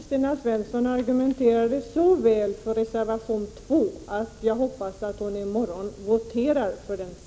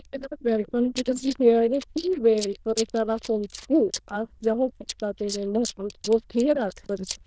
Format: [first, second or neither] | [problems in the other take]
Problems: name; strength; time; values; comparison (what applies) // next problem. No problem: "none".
first | noise reduction (neural diffusion model UNIVERSE++)